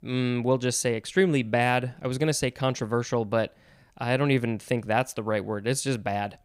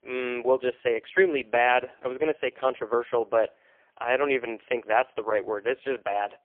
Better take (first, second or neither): first